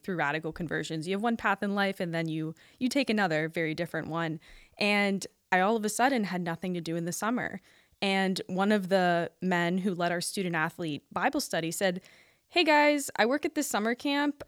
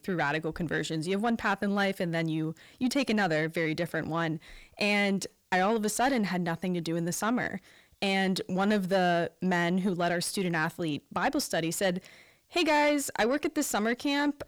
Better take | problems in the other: first | distortion; slight; 10 dB below the speech

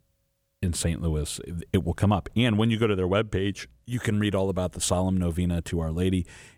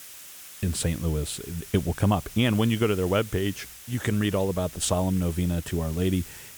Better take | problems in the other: first | hiss; noticeable; throughout; 15 dB below the speech

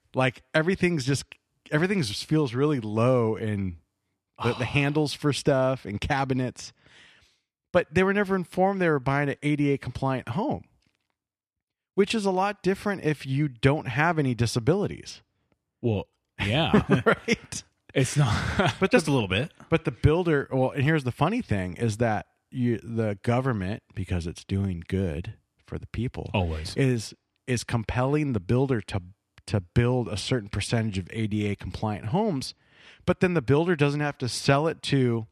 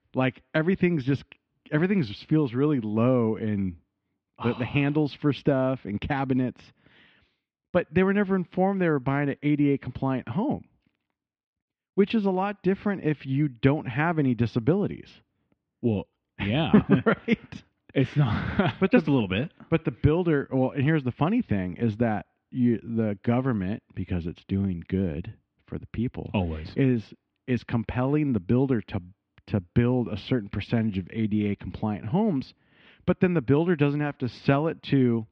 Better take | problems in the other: first | muffled; slightly; fading above 3.5 kHz

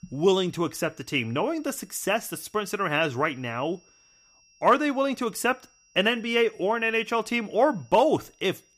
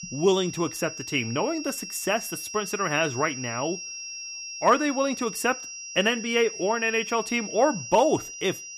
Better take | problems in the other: first | high-pitched whine; loud; throughout; 5.5 kHz, 9 dB below the speech; faint in the first

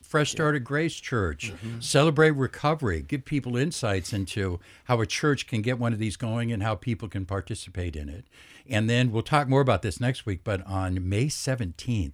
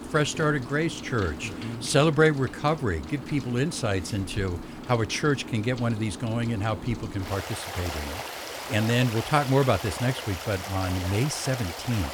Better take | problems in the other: first | rain or running water; loud; throughout; 10 dB below the speech

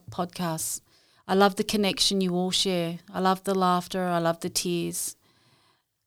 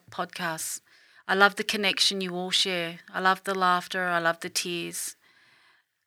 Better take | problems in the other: first | thin; somewhat; fading below 250 Hz

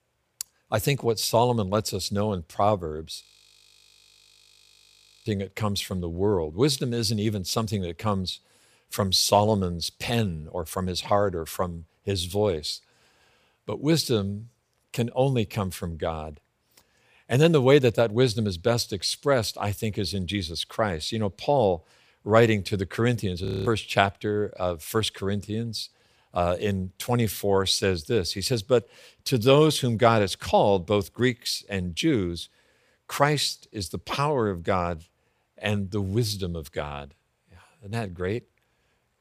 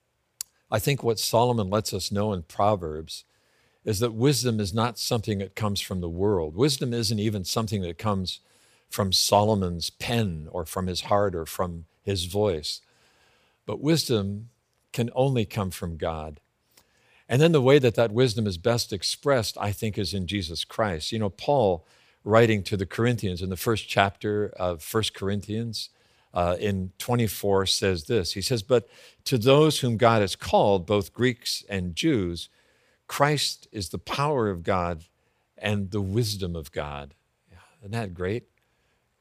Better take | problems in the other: second | audio freezing; at 3 s for 2 s and at 23 s

